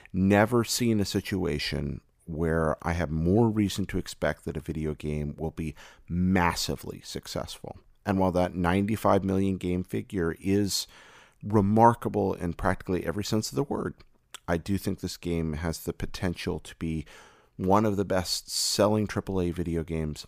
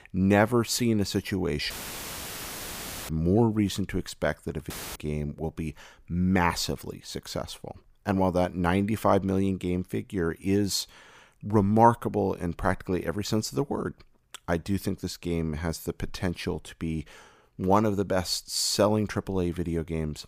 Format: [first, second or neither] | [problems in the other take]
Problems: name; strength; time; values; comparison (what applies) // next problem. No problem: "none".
first | audio cutting out; filled with static; at 1.5 s for 1.5 s and at 4.5 s